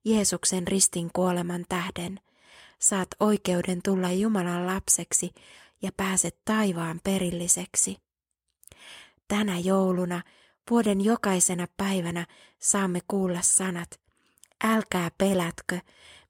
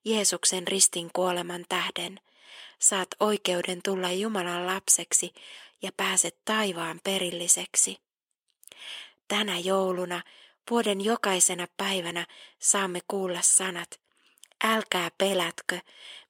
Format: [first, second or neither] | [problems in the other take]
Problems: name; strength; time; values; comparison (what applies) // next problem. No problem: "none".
first | thin; somewhat; fading below 350 Hz